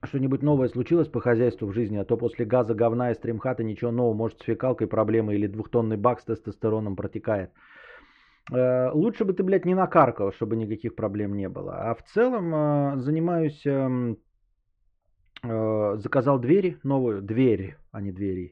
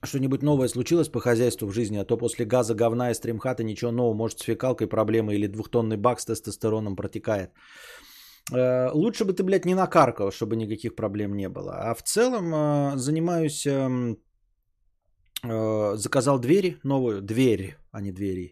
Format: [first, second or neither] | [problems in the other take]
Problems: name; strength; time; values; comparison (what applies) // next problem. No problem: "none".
second | muffled; very; fading above 2 kHz